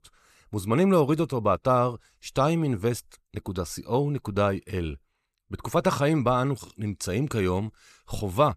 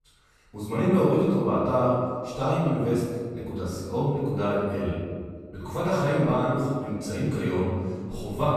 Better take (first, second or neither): first